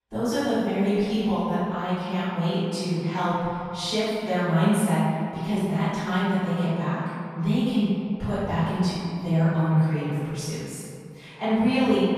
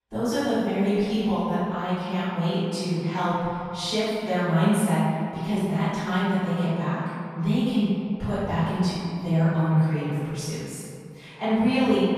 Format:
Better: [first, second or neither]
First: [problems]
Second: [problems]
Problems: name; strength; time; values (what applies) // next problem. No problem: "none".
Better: neither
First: off-mic speech; far // room echo; strong; dies away in 2.2 s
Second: off-mic speech; far // room echo; strong; dies away in 2.2 s